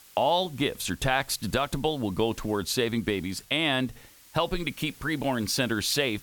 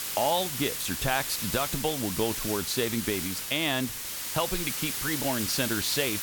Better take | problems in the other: first | hiss; loud; throughout; 1 dB below the speech; faint in the first

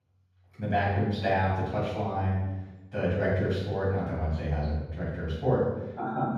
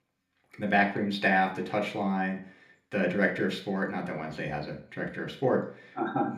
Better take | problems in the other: second | room echo; strong; dies away in 1.3 s; slight in the second // off-mic speech; far; somewhat distant in the second

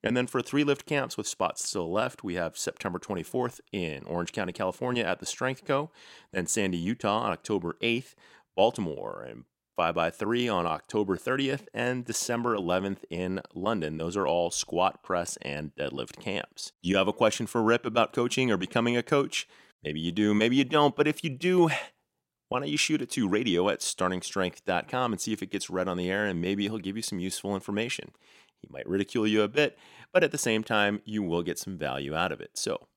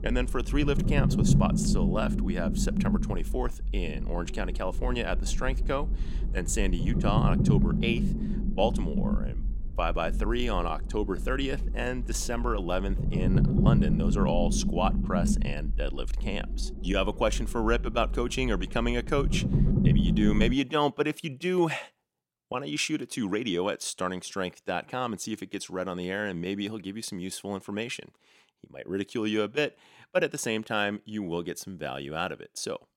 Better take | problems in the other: first | low rumble; loud; until 21 s; 5 dB below the speech

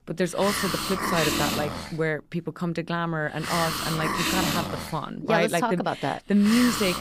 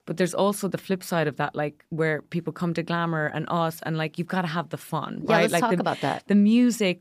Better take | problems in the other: second | hiss; loud; throughout; 1 dB below the speech

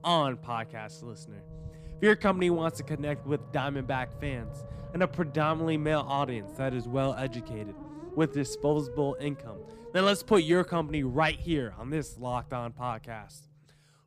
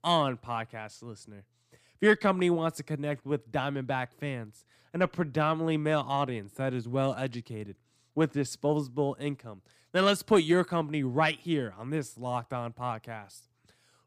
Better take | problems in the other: second | low rumble; noticeable; throughout; 15 dB below the speech

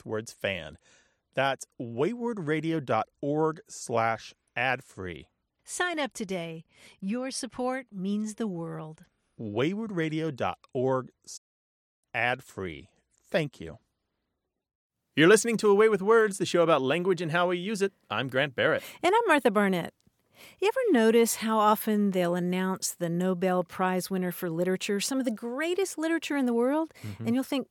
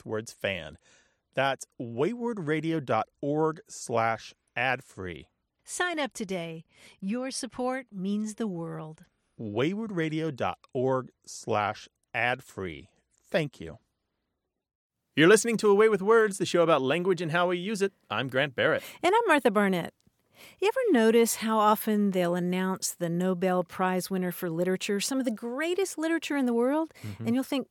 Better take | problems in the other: second | audio cutting out; at 11 s for 0.5 s

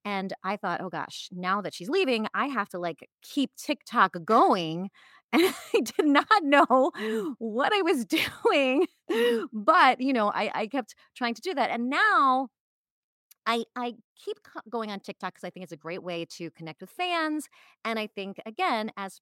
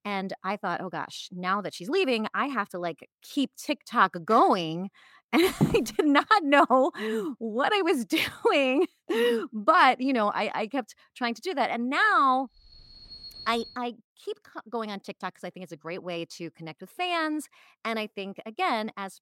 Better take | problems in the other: first | footsteps; noticeable; at 5.5 s; peak 2 dB below the speech // alarm; faint; from 13 to 14 s; peak 15 dB below the speech

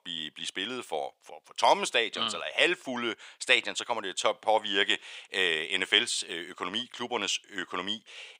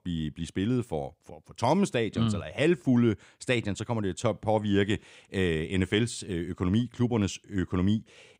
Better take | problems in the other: second | thin; very; fading below 750 Hz

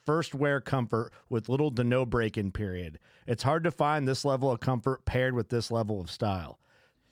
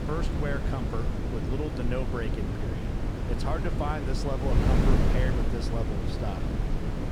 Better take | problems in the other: first | wind noise on the microphone; heavy; as loud as the speech

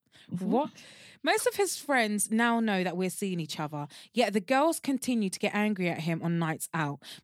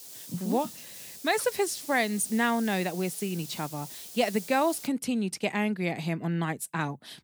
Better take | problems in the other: first | hiss; noticeable; until 5 s; 10 dB below the speech

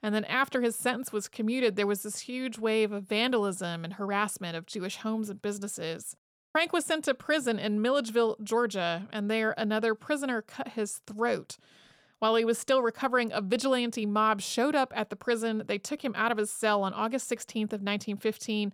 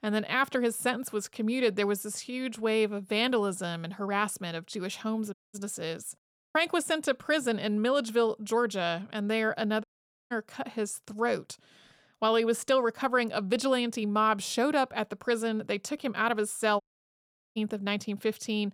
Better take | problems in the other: first | audio cutting out; at 5.5 s, at 10 s and at 17 s for 1 s

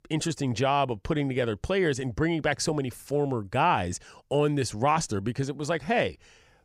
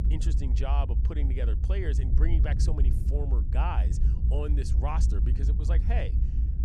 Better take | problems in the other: first | low rumble; loud; throughout; 6 dB below the speech

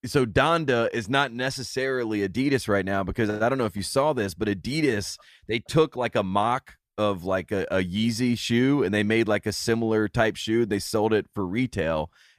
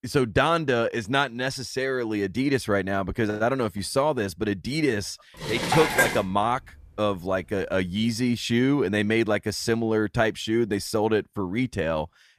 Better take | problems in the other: first | clattering dishes; loud; at 5.5 s; peak 4 dB above the speech

